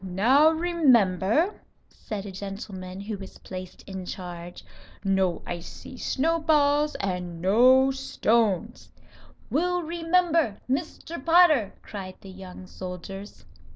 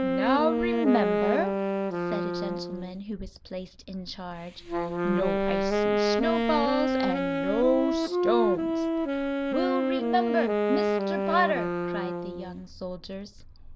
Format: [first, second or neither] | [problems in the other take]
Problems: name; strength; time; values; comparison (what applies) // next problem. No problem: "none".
first | background sound (Wind instrument, woodwind instrument); 3 dB above the speech